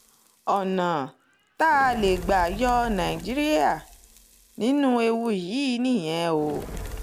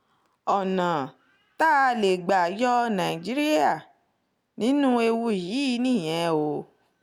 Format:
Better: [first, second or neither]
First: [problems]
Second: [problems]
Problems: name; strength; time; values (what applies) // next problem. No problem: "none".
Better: second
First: background sound (Fire); 15 dB below the speech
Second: none